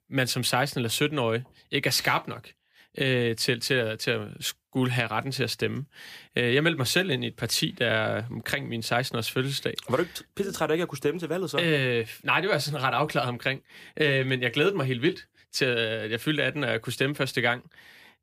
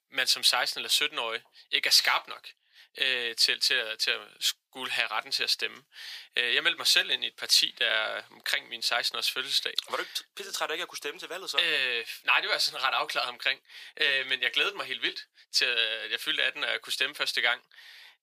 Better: first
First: none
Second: thin; very; fading below 800 Hz

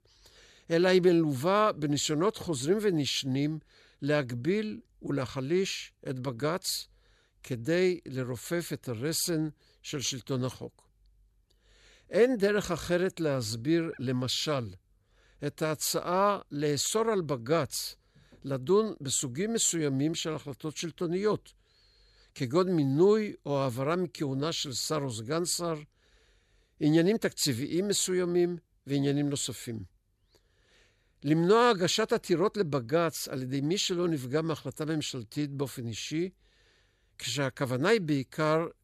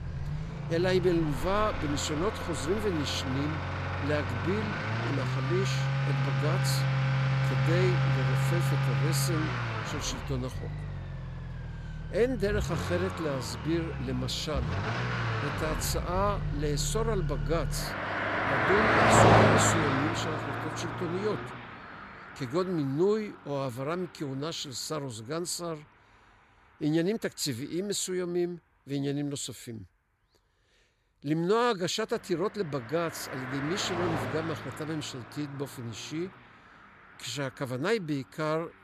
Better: first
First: none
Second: traffic noise; very loud; throughout; 2 dB above the speech

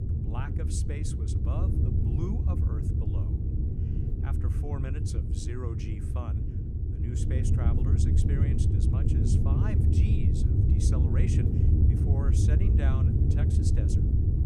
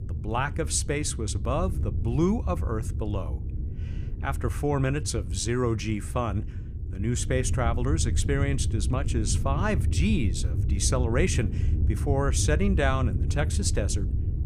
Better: second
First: wind noise on the microphone; heavy; 4 dB above the speech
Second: wind noise on the microphone; occasional gusts; 15 dB below the speech

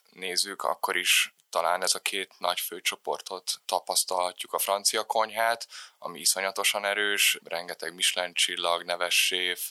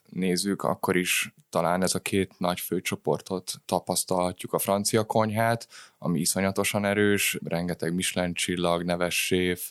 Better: second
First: thin; very; fading below 800 Hz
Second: none

